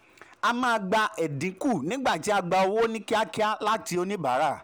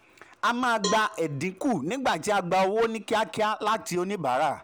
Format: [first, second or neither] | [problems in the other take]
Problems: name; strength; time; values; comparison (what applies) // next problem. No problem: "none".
first | background sound (Cowbell); 12 dB below the speech